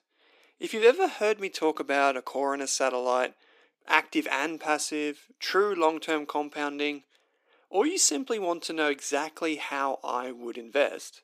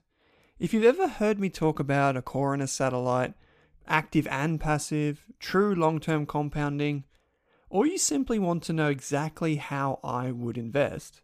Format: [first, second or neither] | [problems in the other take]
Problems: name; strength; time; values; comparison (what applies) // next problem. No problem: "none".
second | thin; somewhat; fading below 300 Hz